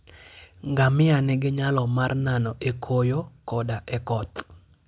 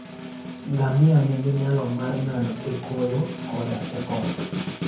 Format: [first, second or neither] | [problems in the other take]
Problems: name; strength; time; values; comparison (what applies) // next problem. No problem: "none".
first | background sound (Snare drum); 9 dB below the speech // room echo; dies away in 0.6 s